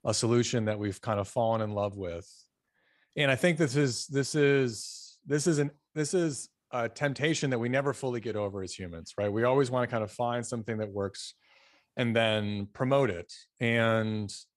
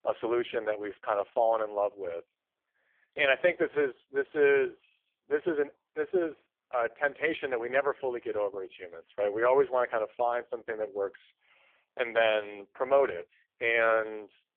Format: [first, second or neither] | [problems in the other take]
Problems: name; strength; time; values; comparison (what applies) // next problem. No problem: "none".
first | phone-call audio; poor line; nothing above 3.5 kHz